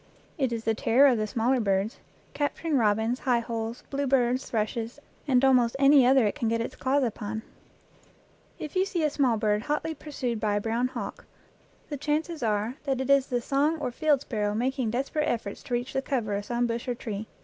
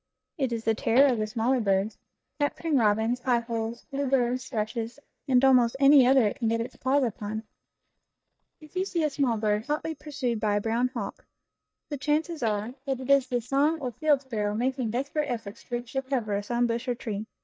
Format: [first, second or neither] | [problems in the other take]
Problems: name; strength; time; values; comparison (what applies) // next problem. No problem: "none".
first | noise reduction (neural mask model DeepFilterNet 3)